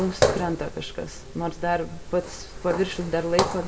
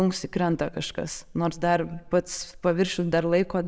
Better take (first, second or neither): second